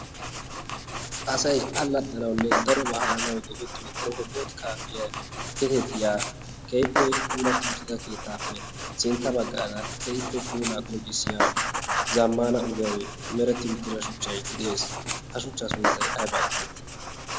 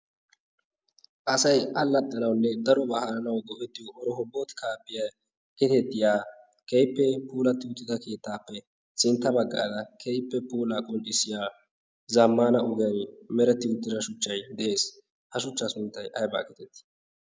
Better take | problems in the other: second | background sound (Writing); 2 dB below the speech

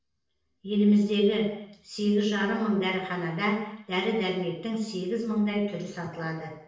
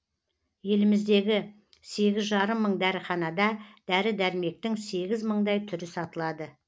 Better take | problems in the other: second | room echo; dies away in 0.7 s

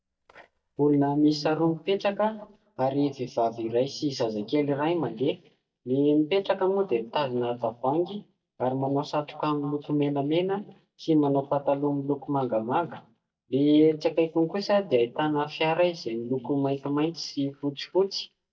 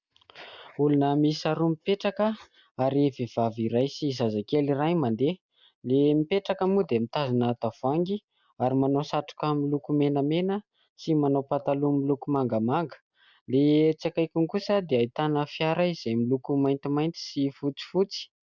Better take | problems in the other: second | noise reduction (neural mask model DeepFilterNet 3)

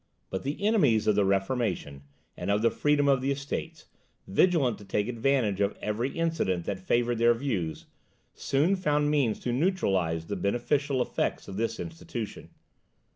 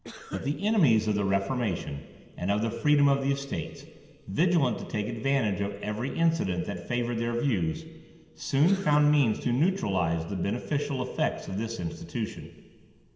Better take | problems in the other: first | background sound (Cough); 17 dB below the speech // room echo; dies away in 2.2 s

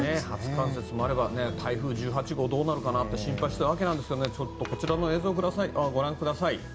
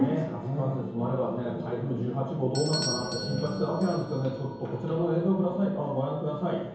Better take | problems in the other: first | background sound (Bell / Doorbell); 14 dB below the speech // room echo; dies away in 1 s

